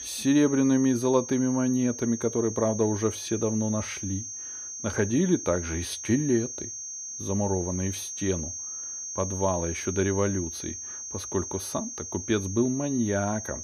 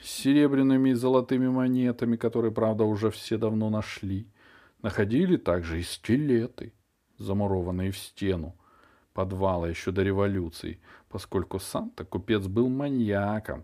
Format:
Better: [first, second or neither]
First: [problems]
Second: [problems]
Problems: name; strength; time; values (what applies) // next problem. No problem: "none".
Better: second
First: high-pitched whine; loud; throughout; 6.5 kHz, 7 dB below the speech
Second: none